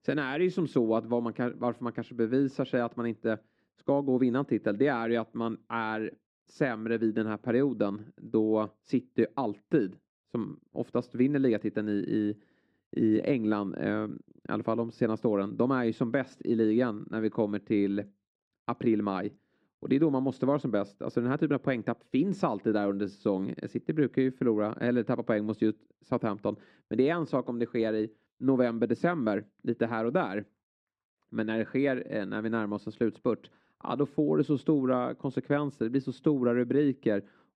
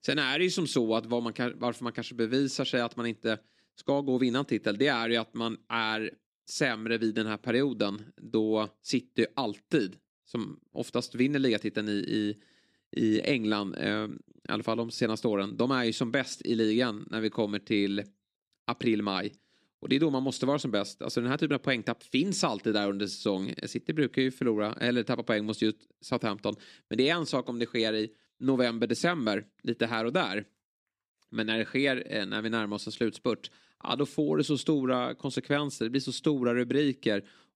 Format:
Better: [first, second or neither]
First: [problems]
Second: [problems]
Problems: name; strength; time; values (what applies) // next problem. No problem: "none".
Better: second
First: muffled; very; fading above 2.5 kHz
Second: none